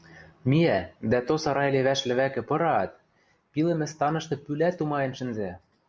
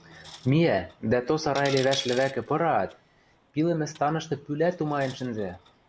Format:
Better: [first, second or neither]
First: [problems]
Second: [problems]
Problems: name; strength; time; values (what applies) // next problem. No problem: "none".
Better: first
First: none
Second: background sound (Coin (dropping)); 17 dB below the speech